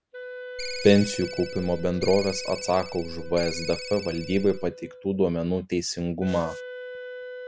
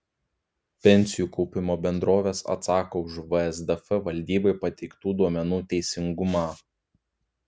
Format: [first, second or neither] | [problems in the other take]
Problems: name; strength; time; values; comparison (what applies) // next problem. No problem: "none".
second | background sound (Ringtone + Wind instrument, woodwind instrument); 10 dB below the speech